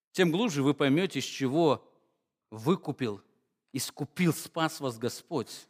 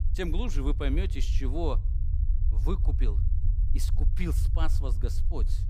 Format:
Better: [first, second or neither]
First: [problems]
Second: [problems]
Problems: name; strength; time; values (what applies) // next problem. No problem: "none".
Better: first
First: none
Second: low rumble; noticeable; throughout; 10 dB below the speech